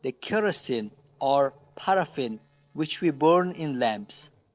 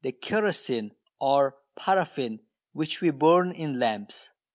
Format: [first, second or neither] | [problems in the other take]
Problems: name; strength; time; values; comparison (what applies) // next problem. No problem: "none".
second | noise reduction (neural separator model SepFormer DNS4)